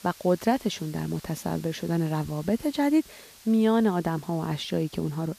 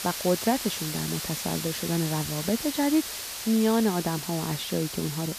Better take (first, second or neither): first